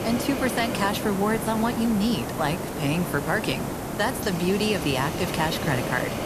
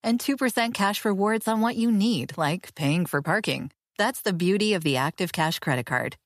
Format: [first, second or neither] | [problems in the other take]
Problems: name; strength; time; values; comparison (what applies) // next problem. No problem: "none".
second | hiss; loud; throughout; 4 dB below the speech